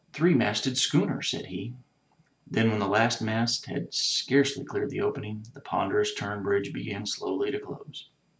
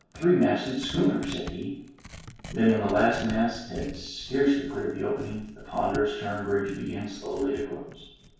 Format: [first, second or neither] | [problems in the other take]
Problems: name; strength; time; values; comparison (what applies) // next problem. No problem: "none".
first | background sound (Tearing); 16 dB below the speech // room echo; dies away in 0.7 s